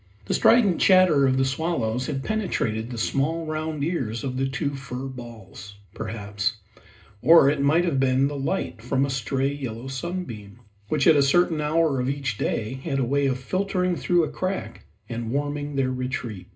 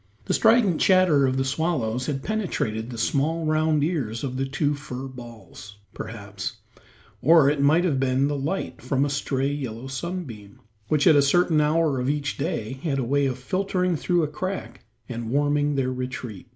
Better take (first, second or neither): second